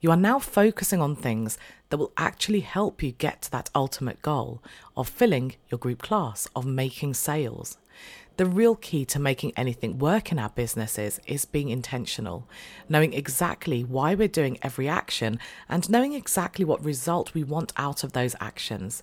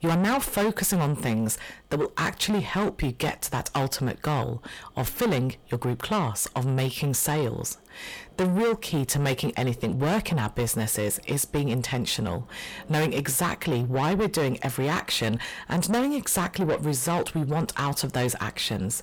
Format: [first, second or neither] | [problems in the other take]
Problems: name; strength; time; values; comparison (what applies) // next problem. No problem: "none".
first | distortion; heavy; 6 dB below the speech